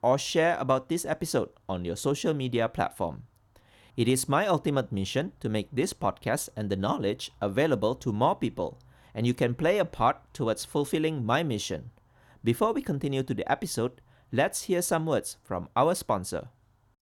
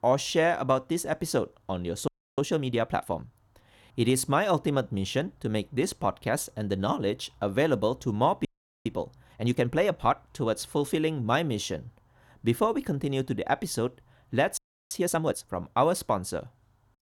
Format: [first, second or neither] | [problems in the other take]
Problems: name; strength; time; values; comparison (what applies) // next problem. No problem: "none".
first | audio freezing; at 2 s, at 8.5 s and at 15 s